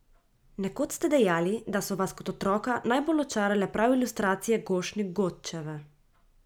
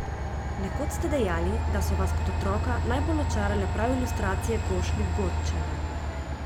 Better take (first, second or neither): first